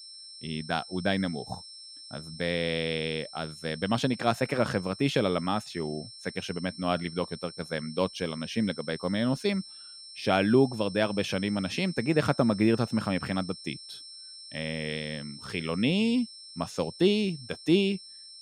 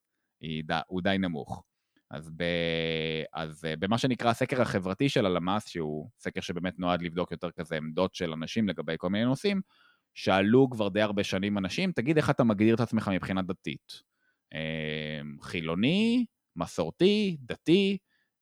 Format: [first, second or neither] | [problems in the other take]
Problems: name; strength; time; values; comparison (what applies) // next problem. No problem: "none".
second | high-pitched whine; noticeable; throughout; 5.5 kHz, 15 dB below the speech